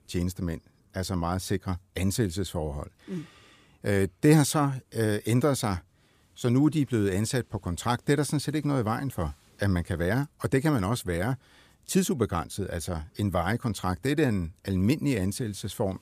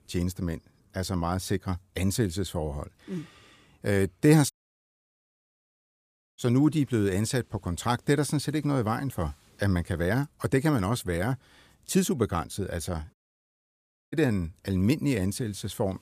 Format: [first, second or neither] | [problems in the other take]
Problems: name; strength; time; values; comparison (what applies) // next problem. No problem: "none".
first | audio cutting out; at 4.5 s for 2 s and at 13 s for 1 s